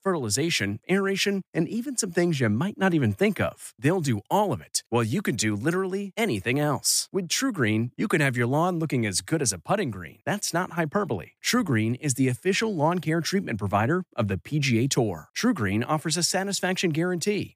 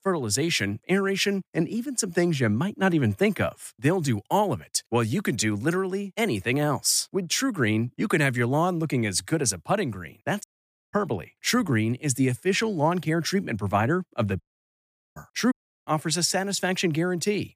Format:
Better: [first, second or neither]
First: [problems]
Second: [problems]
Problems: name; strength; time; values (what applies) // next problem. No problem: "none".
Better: first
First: none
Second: audio cutting out; at 10 s, at 14 s for 1 s and at 16 s